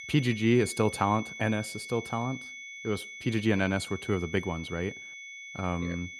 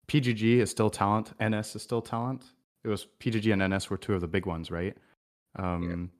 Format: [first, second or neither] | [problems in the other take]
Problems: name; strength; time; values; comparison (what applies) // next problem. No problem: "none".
second | high-pitched whine; noticeable; throughout; 2 kHz, 10 dB below the speech